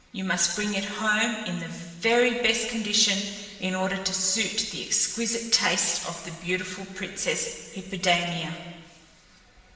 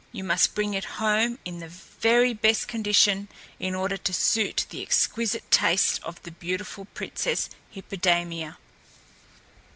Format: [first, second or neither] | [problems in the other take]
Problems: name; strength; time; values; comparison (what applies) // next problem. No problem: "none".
second | room echo; dies away in 1.6 s